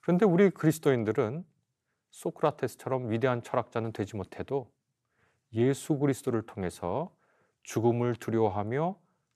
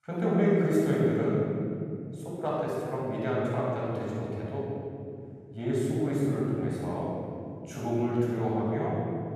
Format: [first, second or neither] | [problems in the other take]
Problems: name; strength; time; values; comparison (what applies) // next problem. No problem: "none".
first | off-mic speech; far // room echo; strong; dies away in 3 s